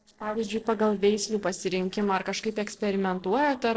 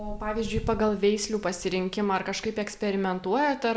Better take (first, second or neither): second